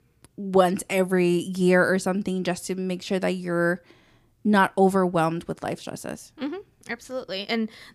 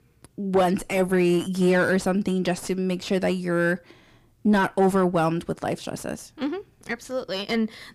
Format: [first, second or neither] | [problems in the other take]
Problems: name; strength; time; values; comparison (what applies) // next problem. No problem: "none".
first | distortion; slight; 10 dB below the speech